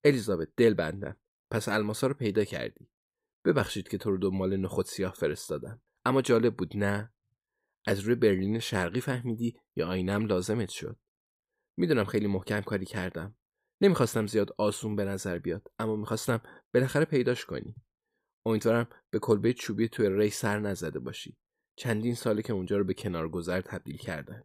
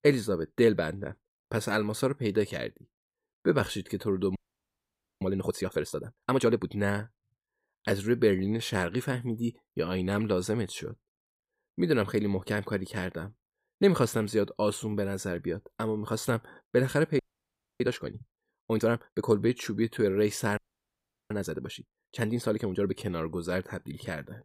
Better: first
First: none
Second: audio freezing; at 4.5 s for 1 s, at 17 s for 0.5 s and at 21 s for 0.5 s

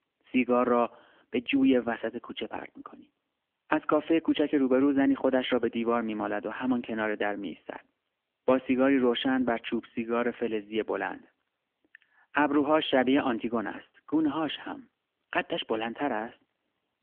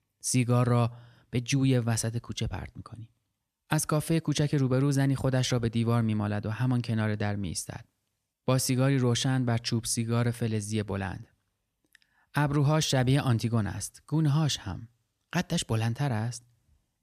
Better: second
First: phone-call audio; nothing above 3.5 kHz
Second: none

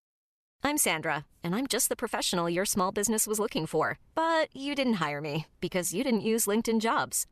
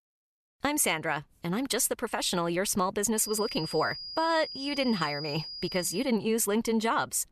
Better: first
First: none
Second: high-pitched whine; loud; from 3 to 6 s; 5 kHz, 9 dB below the speech

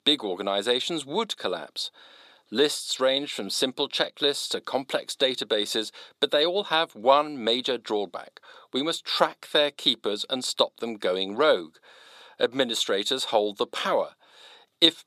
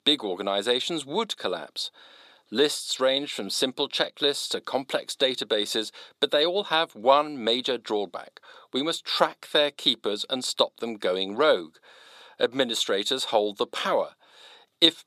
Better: neither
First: thin; somewhat; fading below 400 Hz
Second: thin; somewhat; fading below 400 Hz

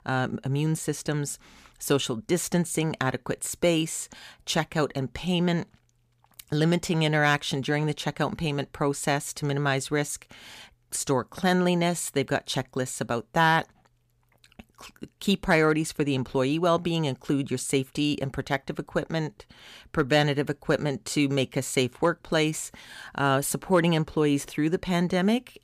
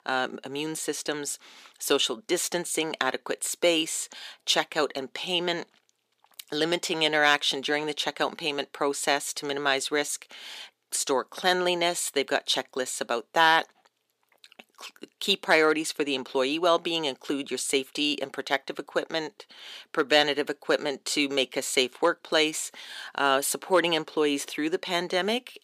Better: first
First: none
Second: thin; somewhat; fading below 350 Hz

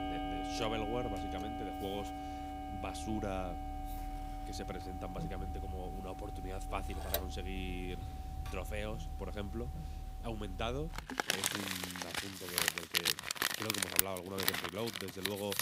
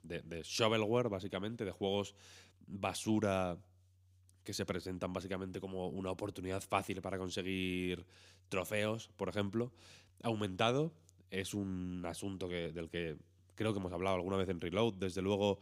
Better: second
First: household noises; very loud; throughout; 5 dB above the speech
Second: none

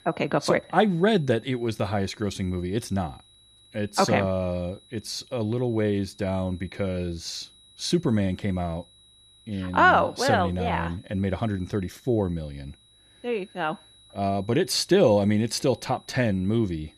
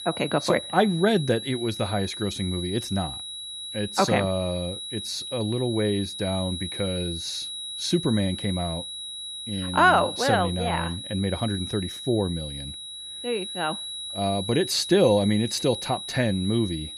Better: first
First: high-pitched whine; faint; throughout; 4 kHz, 30 dB below the speech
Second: high-pitched whine; loud; throughout; 4 kHz, 8 dB below the speech

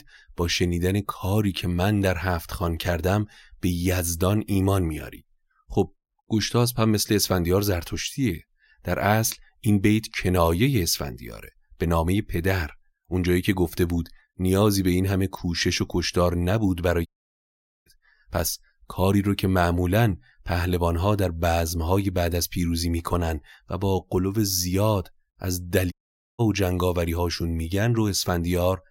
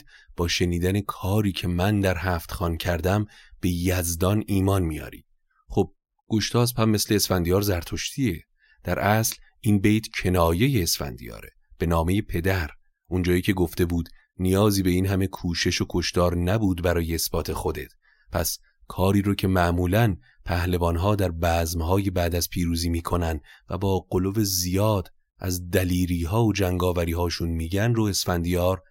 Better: second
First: audio cutting out; at 17 s for 1 s and at 26 s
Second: none

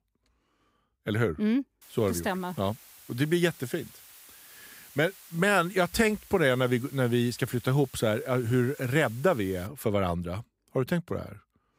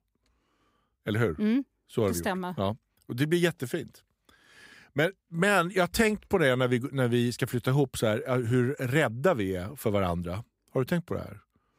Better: second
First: hiss; faint; from 2 to 9.5 s; 20 dB below the speech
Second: none

